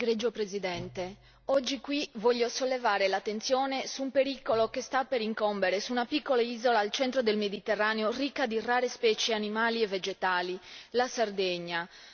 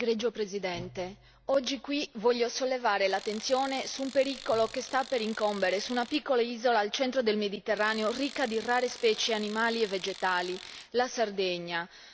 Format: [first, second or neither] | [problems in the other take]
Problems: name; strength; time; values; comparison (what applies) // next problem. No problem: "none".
first | background sound (Tools); 16 dB below the speech